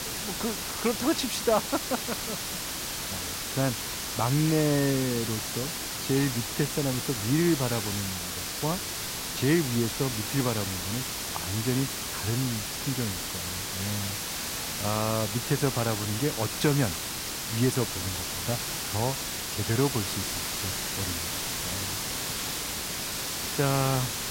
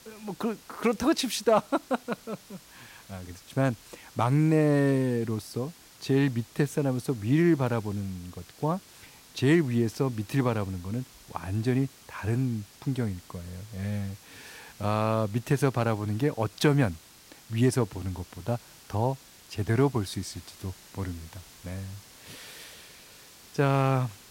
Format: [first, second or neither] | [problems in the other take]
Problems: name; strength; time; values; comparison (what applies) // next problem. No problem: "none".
second | hiss; loud; throughout; 1 dB below the speech; faint in the second